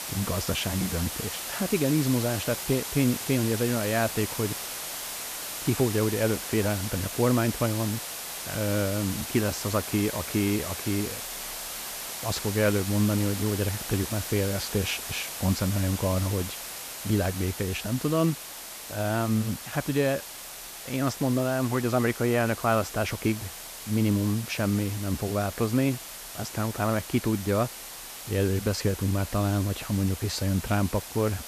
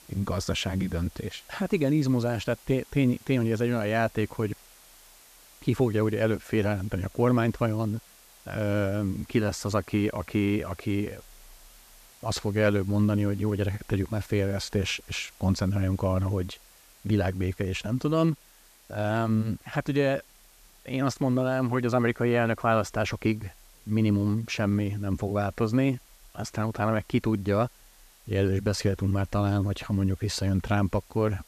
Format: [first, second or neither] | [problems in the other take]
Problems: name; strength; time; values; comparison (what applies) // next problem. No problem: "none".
second | hiss; loud; throughout; 7 dB below the speech; faint in the second